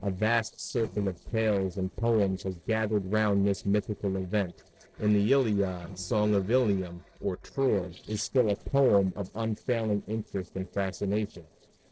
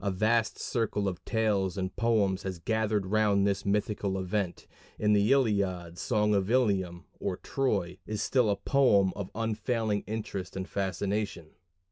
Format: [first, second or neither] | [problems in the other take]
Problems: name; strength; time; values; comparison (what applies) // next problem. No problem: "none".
second | noise reduction (neural separator model SepFormer DNS4)